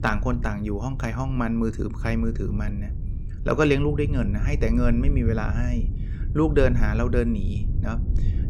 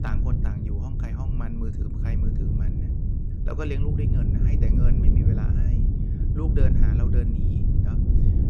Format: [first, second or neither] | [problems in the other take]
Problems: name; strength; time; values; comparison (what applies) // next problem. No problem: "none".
first | wind noise on the microphone; heavy; 3 dB above the speech; occasional gusts in the first